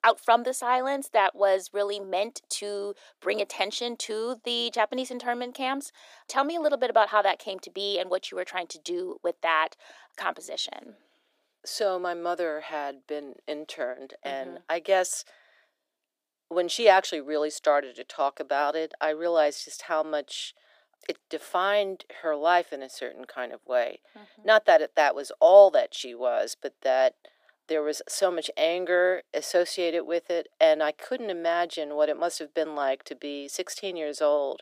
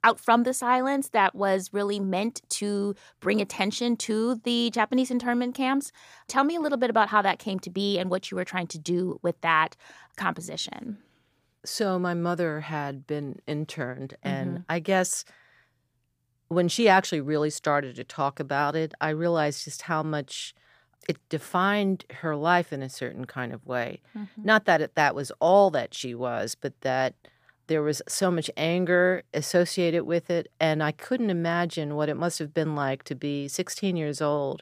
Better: second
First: thin; very; fading below 300 Hz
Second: none

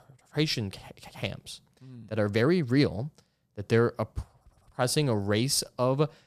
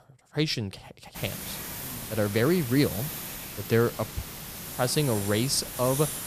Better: first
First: none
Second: hiss; loud; from 1 s on; 8 dB below the speech

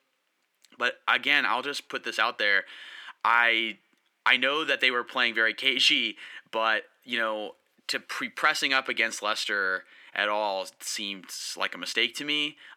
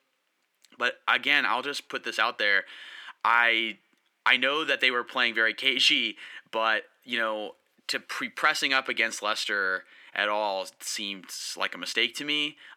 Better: neither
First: thin; somewhat; fading below 850 Hz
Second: thin; somewhat; fading below 850 Hz

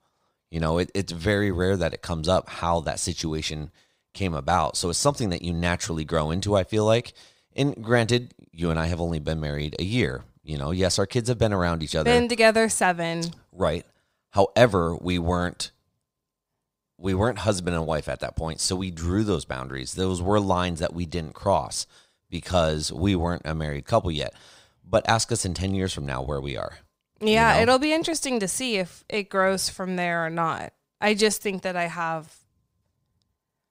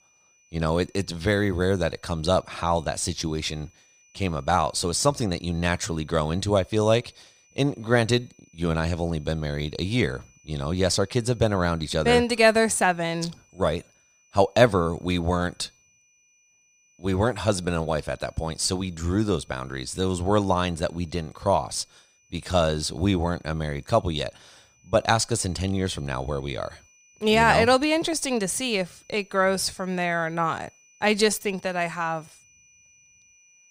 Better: first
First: none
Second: high-pitched whine; faint; throughout; 6 kHz, 30 dB below the speech

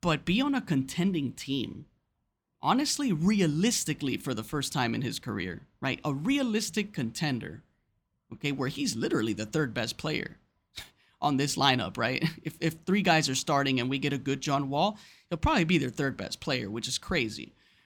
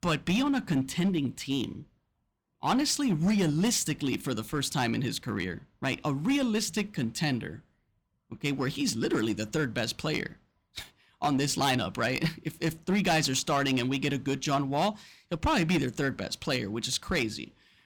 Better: first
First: none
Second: distortion; slight; 6% of the sound clipped

